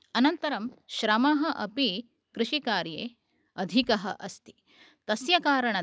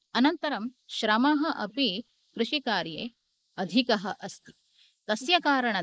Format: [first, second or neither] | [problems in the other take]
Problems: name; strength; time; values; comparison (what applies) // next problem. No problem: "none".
first | noise reduction (neural mask model Resemble Enhance denoiser)